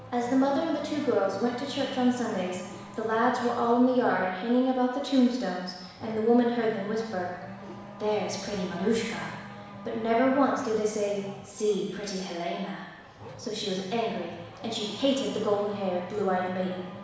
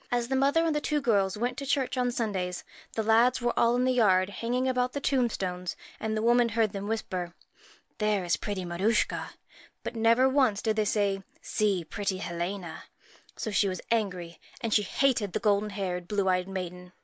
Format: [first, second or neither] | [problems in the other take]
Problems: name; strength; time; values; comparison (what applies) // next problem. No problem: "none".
second | background sound (Race car, auto racing / Accelerating, revving, vroom); 16 dB below the speech // room echo; dies away in 1.1 s